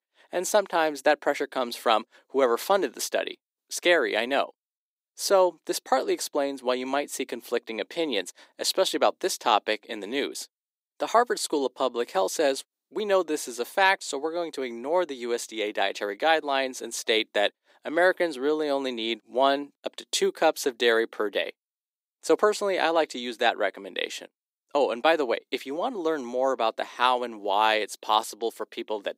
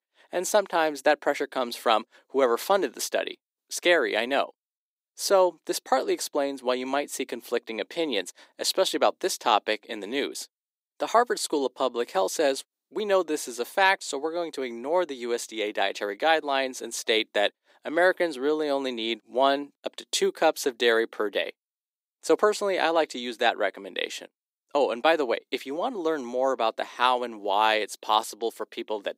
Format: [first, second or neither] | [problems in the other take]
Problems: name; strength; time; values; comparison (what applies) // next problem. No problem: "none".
neither | thin; somewhat; fading below 300 Hz; the same in both